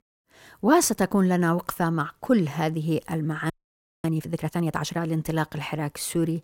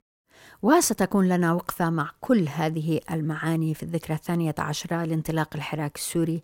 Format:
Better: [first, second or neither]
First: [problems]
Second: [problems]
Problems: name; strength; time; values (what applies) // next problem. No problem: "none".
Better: second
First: audio freezing; at 3.5 s for 0.5 s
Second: none